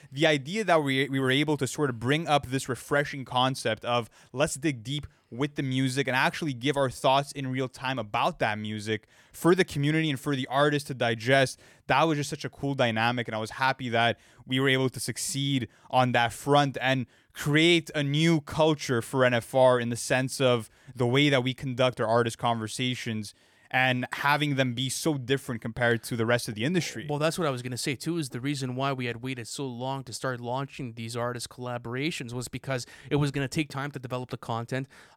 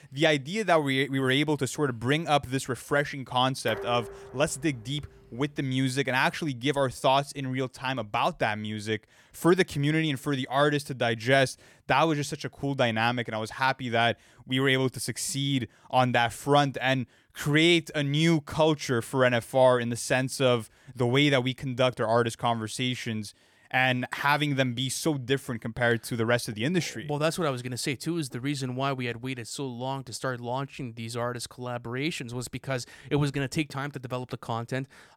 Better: first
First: none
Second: clattering dishes; noticeable; from 3.5 to 5.5 s; peak 10 dB below the speech

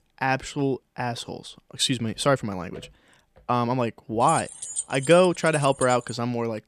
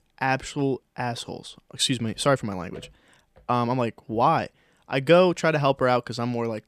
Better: second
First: jangling keys; noticeable; from 4.5 to 6 s; peak 6 dB below the speech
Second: none

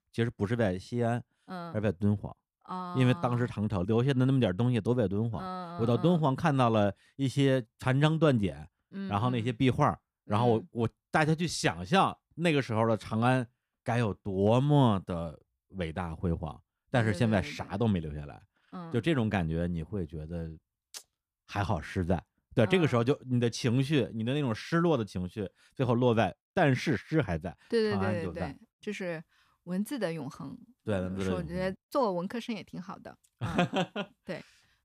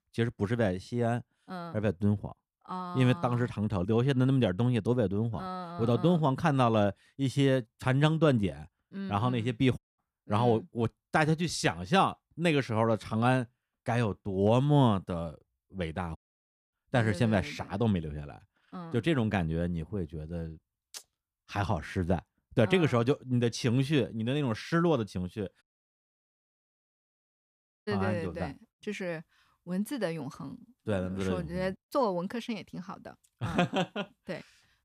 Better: first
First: none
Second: audio cutting out; at 10 s, at 16 s for 0.5 s and at 26 s for 2.5 s

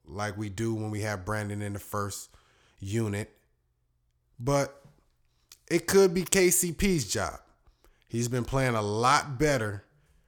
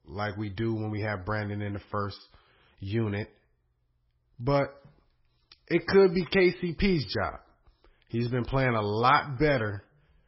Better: first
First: none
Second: garbled, watery; badly; nothing above 5.5 kHz

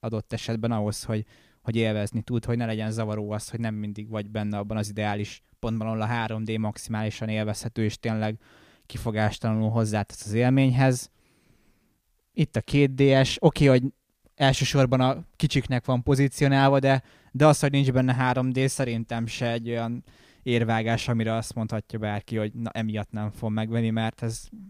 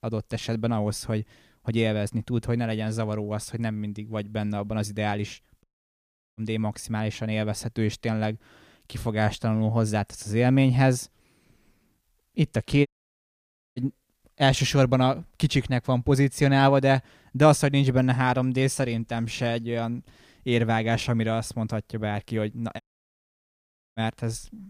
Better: first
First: none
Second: audio cutting out; at 5.5 s for 0.5 s, at 13 s for 1 s and at 23 s for 1 s

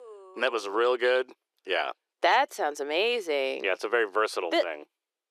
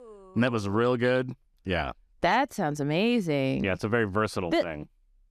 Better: second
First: thin; very; fading below 350 Hz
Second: none

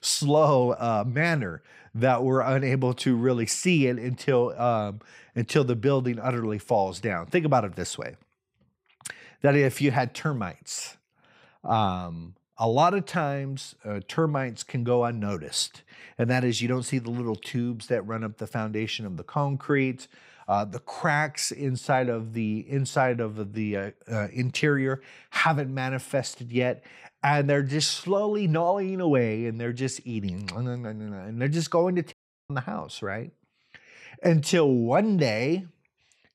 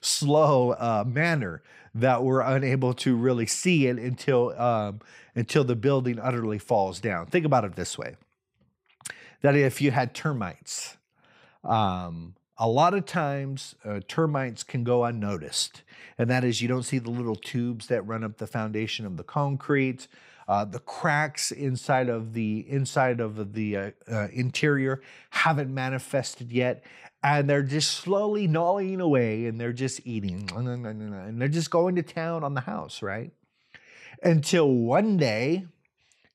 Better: second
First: audio cutting out; at 32 s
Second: none

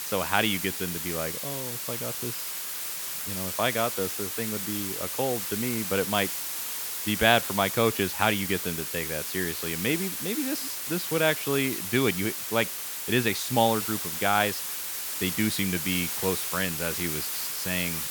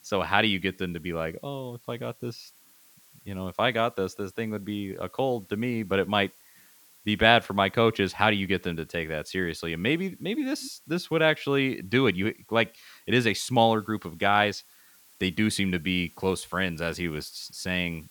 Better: second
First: hiss; loud; throughout; 2 dB below the speech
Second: hiss; faint; throughout; 25 dB below the speech

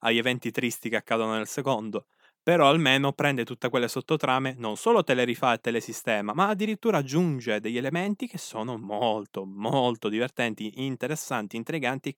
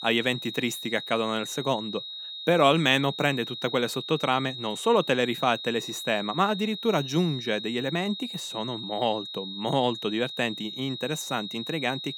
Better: first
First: none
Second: high-pitched whine; loud; throughout; 4 kHz, 8 dB below the speech

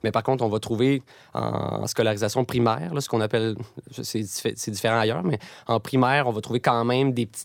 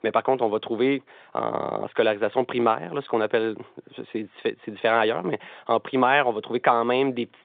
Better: first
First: none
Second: phone-call audio; nothing above 3.5 kHz

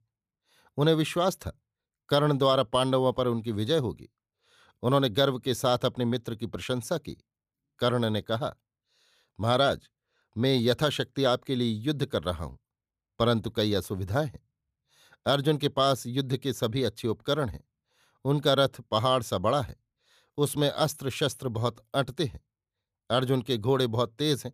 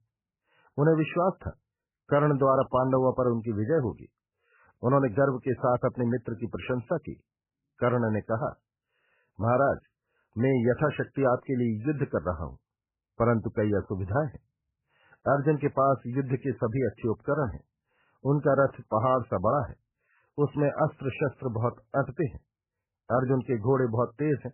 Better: first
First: none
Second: garbled, watery; badly; nothing above 3 kHz

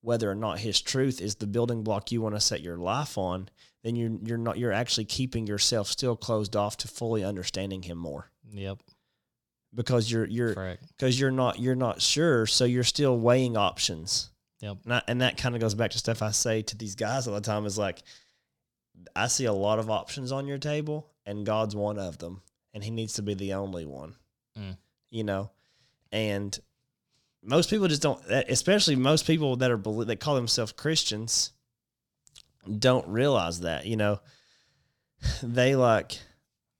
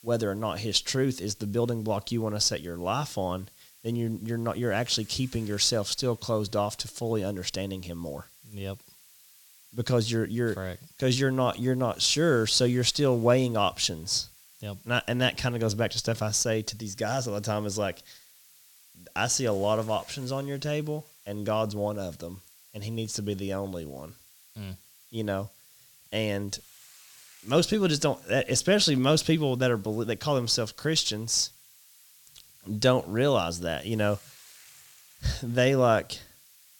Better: first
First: none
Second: hiss; faint; throughout; 25 dB below the speech

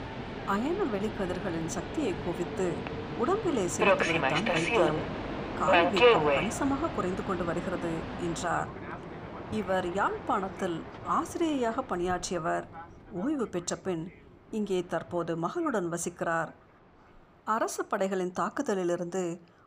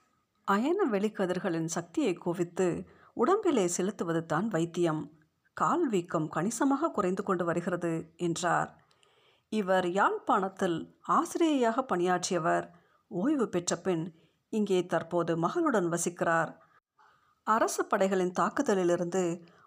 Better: second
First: train or aircraft noise; very loud; throughout; 1 dB above the speech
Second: none

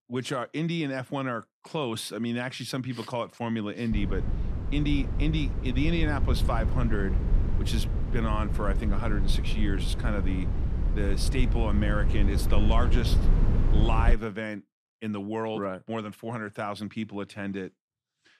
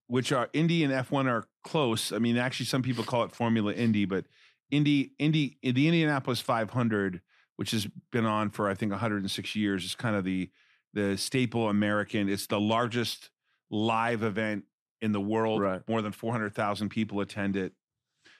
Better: second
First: low rumble; loud; from 4 to 14 s; 8 dB below the speech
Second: none

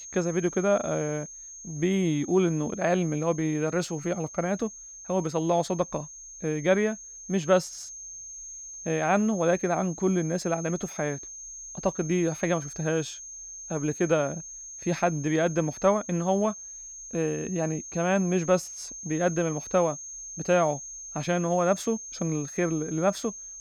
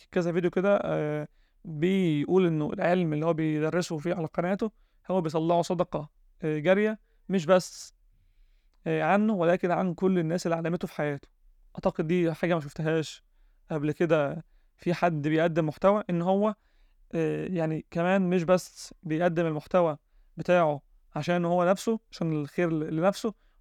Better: second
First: high-pitched whine; noticeable; throughout; 6.5 kHz, 10 dB below the speech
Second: none

